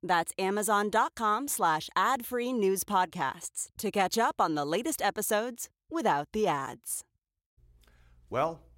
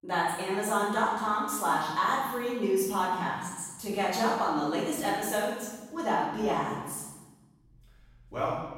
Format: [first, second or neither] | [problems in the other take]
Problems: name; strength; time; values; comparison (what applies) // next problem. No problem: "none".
first | room echo; strong; dies away in 1.2 s // off-mic speech; far